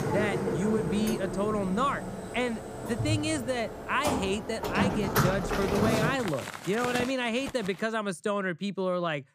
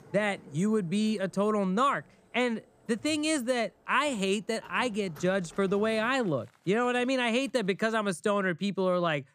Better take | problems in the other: second | household noises; loud; until 7.5 s; 1 dB below the speech; faint in the second

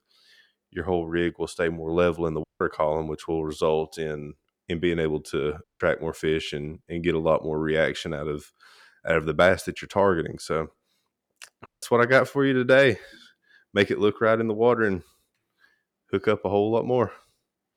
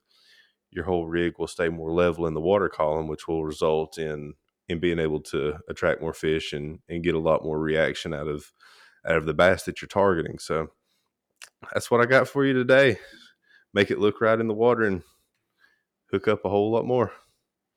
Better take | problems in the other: second | audio cutting out; at 2.5 s, at 5.5 s and at 12 s

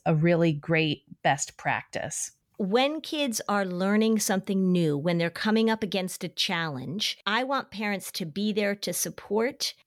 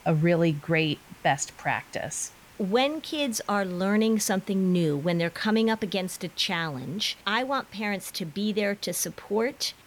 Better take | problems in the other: first | hiss; faint; throughout; 25 dB below the speech

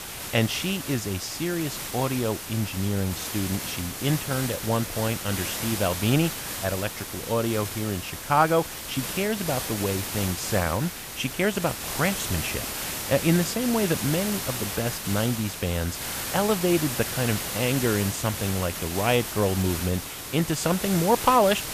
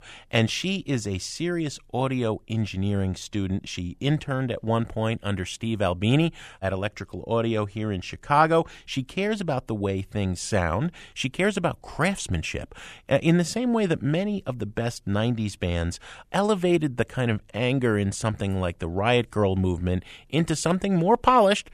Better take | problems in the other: second | hiss; loud; throughout; 5 dB below the speech

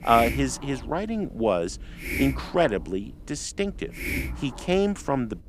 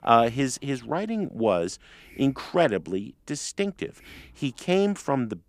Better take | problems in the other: second | hiss; loud; throughout; 7 dB below the speech; faint in the second

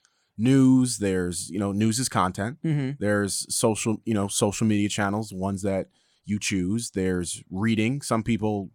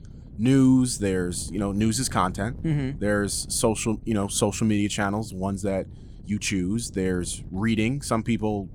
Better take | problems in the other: first | wind noise on the microphone; occasional gusts; 25 dB below the speech

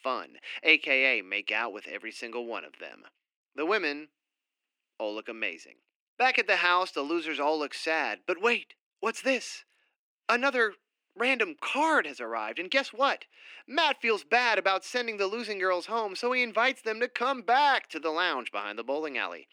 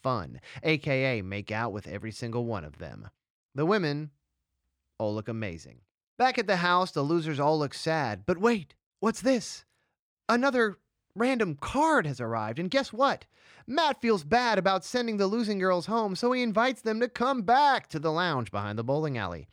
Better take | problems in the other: second | thin; somewhat; fading below 250 Hz

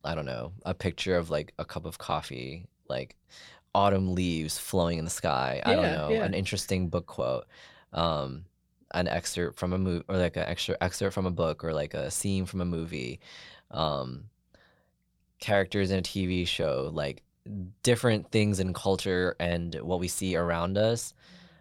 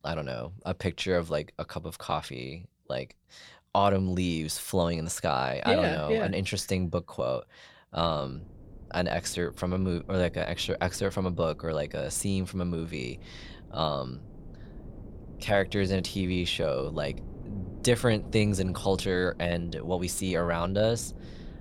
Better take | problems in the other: first | wind noise on the microphone; occasional gusts; from 8 s on; 25 dB below the speech

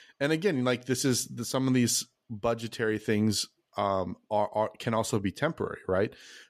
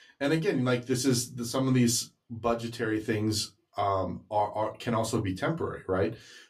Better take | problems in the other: first | off-mic speech; far // room echo; very slight; dies away in 0.2 s

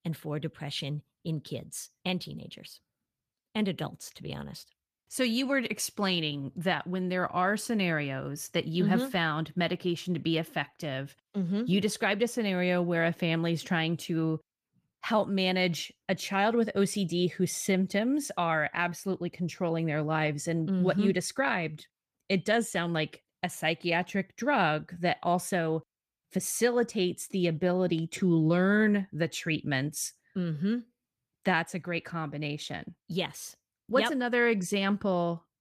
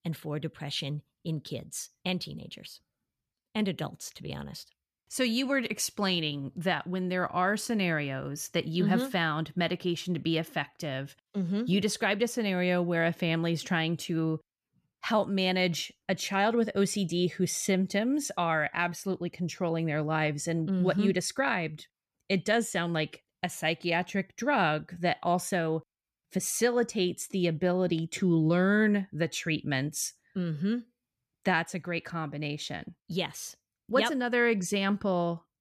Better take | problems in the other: second | garbled, watery; slightly; nothing above 14.5 kHz

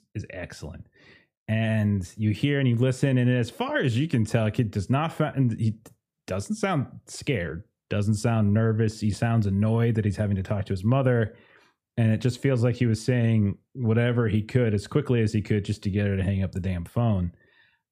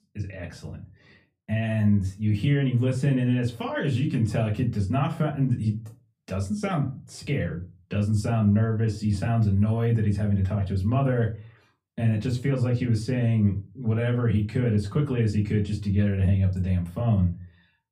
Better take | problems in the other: first | off-mic speech; far // room echo; very slight; dies away in 0.2 s

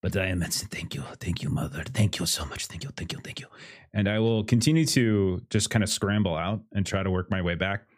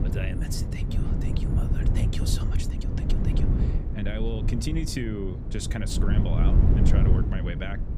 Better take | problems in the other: first | low rumble; loud; throughout; 1 dB below the speech

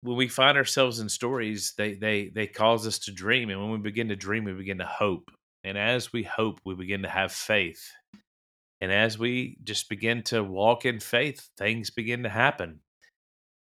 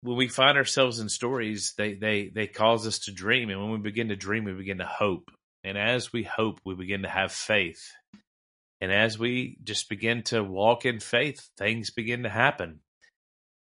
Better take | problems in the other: first | garbled, watery; slightly; nothing above 10.5 kHz

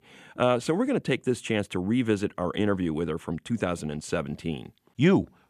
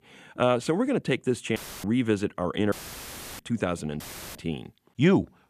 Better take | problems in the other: first | audio cutting out; filled with static; at 1.5 s, at 2.5 s for 0.5 s and at 4 s

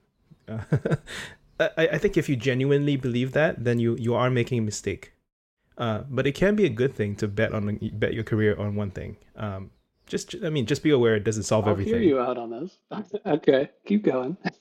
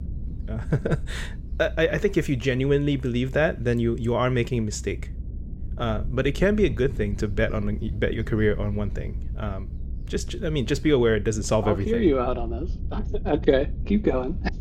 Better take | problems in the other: first | low rumble; faint; throughout; 25 dB below the speech

